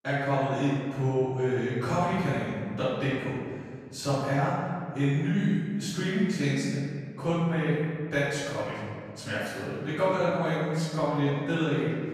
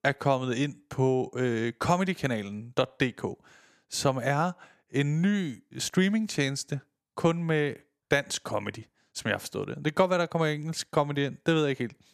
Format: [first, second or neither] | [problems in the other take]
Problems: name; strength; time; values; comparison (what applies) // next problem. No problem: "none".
second | off-mic speech; far // room echo; strong; dies away in 2.1 s